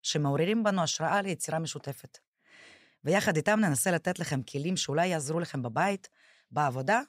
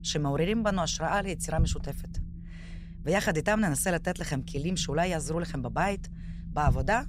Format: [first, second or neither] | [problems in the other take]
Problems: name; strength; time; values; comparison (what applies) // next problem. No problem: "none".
first | low rumble; faint; throughout; 20 dB below the speech